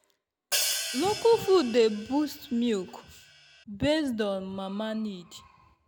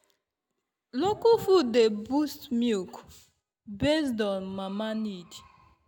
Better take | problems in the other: second | background sound (Hi-hat); 7 dB below the speech

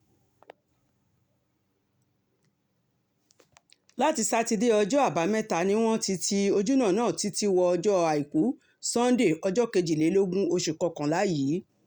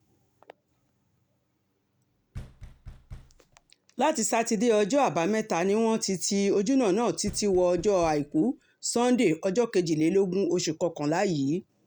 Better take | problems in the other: first | background sound (Knock); 19 dB below the speech

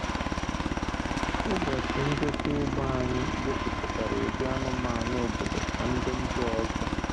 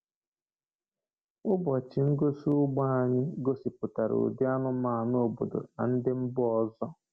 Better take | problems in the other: second | background sound (Aircraft); 3 dB above the speech

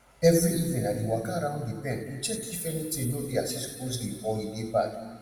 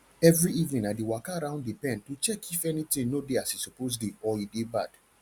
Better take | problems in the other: second | room echo; dies away in 1.9 s

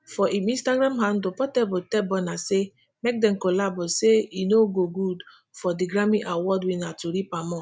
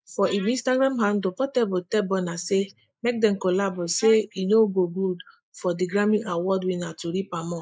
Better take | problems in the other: first | noise reduction (neural mask model Resemble Enhance denoiser)

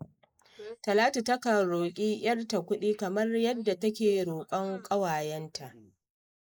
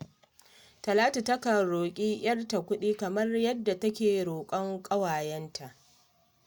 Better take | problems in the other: second | noise reduction (neural mask model Resemble Enhance denoiser)

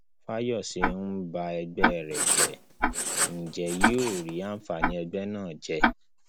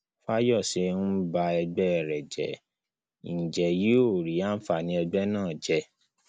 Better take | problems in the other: second | background sound (Writing + Tick-tock); 3 dB above the speech

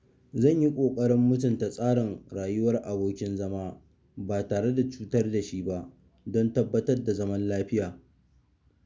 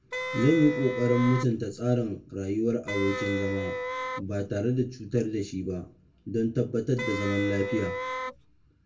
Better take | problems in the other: first | background sound (Wind instrument, woodwind instrument); 5 dB below the speech // room echo; dies away in 0.2 s

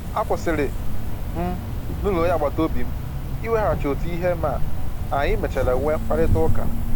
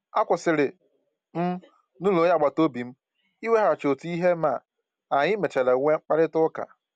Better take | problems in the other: second | background sound (Cricket); 3 dB above the speech

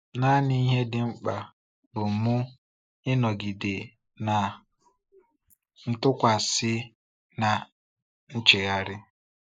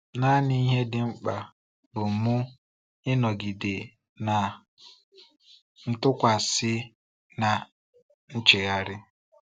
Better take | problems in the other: second | noise reduction (neural mask model Resemble Enhance denoiser)

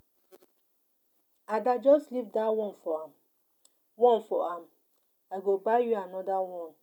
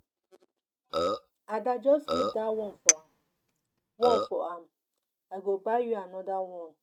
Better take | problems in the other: first | noise reduction (neural mask model RNNoise)

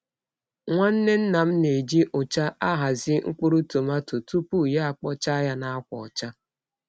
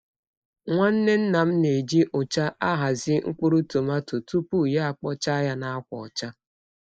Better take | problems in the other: first | noise reduction (neural mask model Resemble Enhance denoiser)

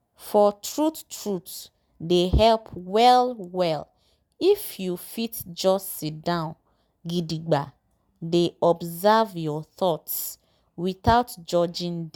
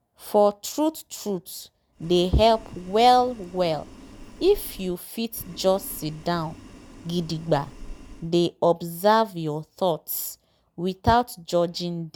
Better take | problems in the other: first | background sound (Boiling); 18 dB below the speech

